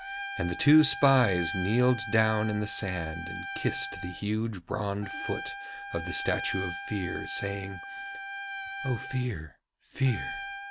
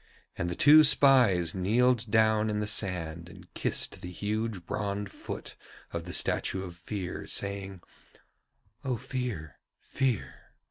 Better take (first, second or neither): second